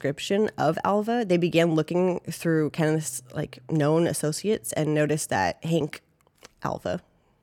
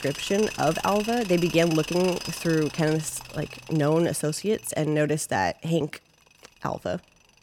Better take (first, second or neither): first